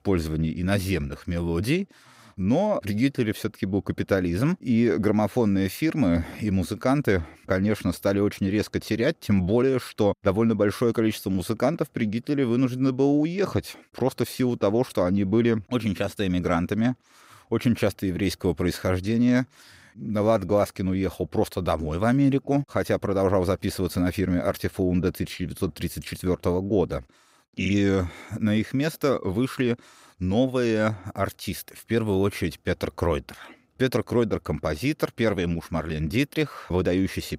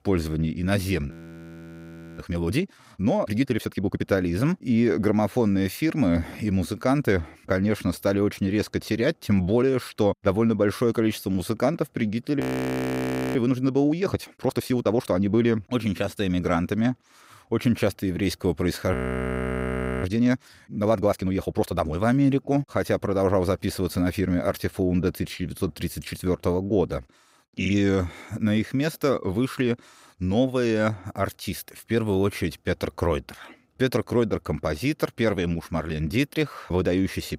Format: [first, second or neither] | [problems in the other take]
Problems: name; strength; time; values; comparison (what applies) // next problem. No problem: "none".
first | audio freezing; at 1 s for 1 s, at 12 s for 1 s and at 19 s for 1 s